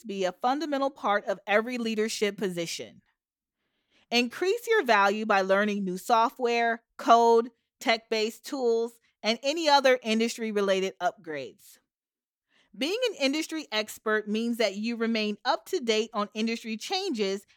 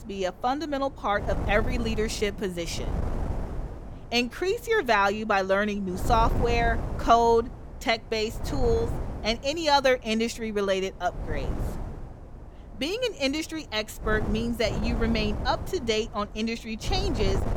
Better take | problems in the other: first | wind noise on the microphone; occasional gusts; 15 dB below the speech

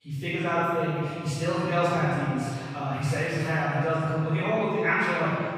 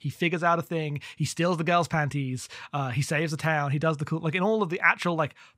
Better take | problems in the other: second | off-mic speech; far // room echo; strong; dies away in 2.1 s

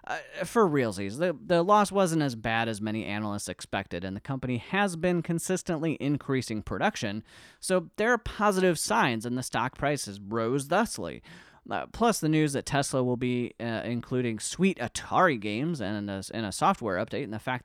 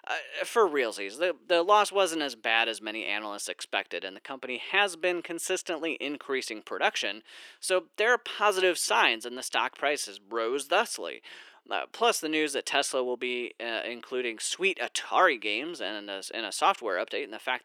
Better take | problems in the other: first | thin; very; fading below 350 Hz

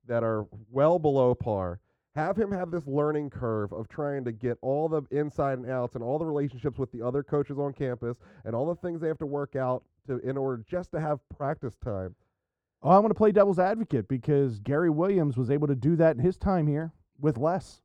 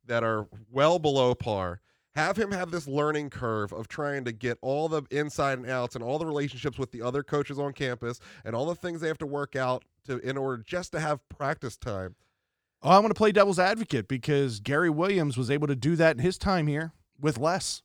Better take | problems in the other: second | muffled; very; fading above 1.5 kHz

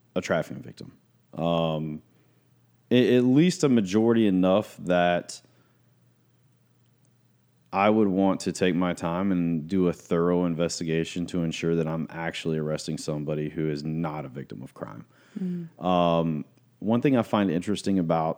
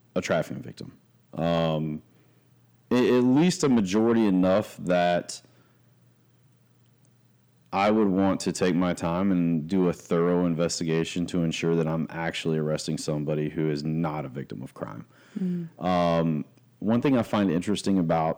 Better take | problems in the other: first | distortion; slight; 10 dB below the speech

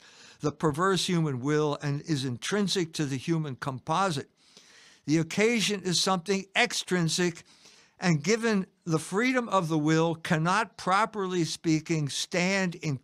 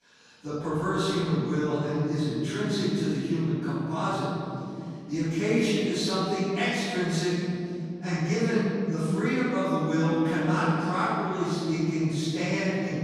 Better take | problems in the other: first | room echo; strong; dies away in 3 s // off-mic speech; far

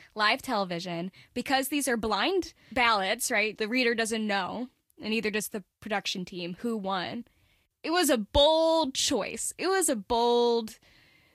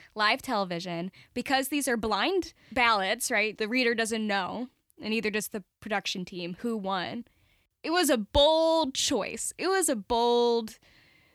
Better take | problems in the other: second | garbled, watery; slightly; nothing above 12.5 kHz

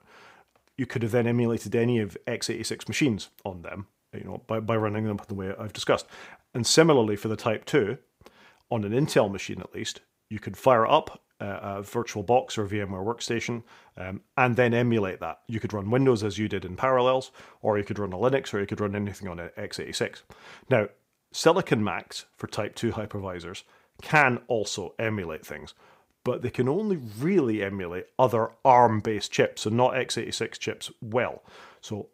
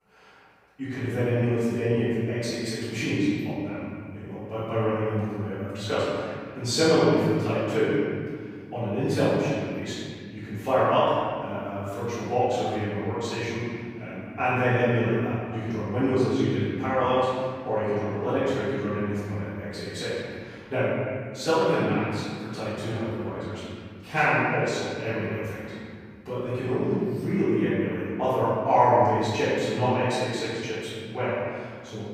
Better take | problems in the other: first | room echo; strong; dies away in 2.1 s // off-mic speech; far

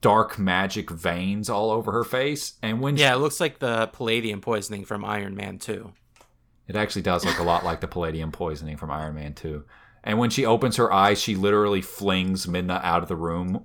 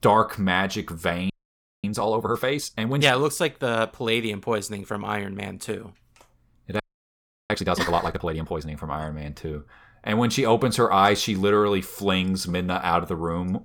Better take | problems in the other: first | audio freezing; at 1.5 s for 0.5 s and at 7 s for 0.5 s

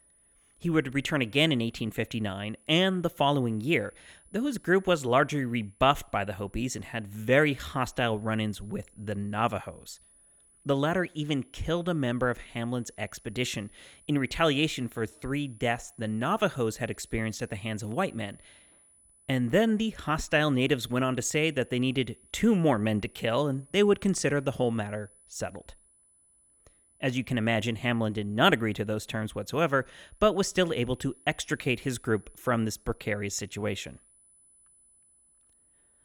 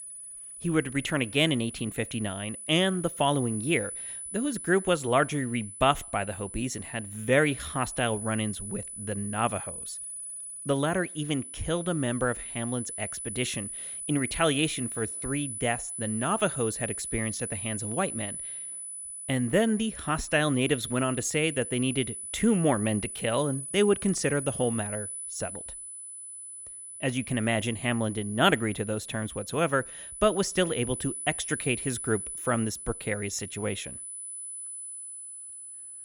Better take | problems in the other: first | high-pitched whine; loud; throughout; 10 kHz, 7 dB below the speech; faint in the first

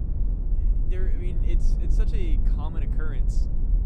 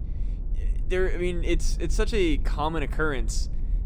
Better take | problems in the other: second | low rumble; loud; throughout; 1 dB below the speech; faint in the second

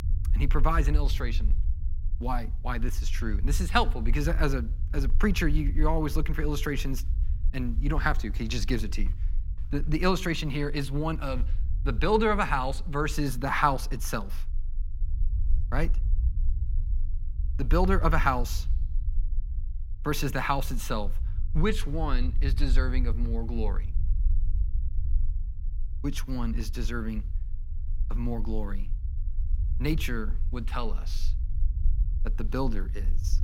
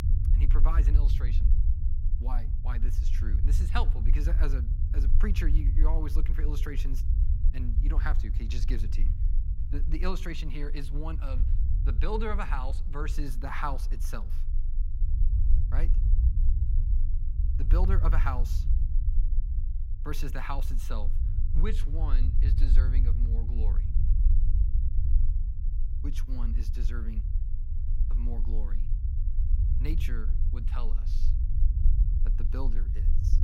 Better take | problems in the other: first | low rumble; loud; throughout; 9 dB below the speech; faint in the first

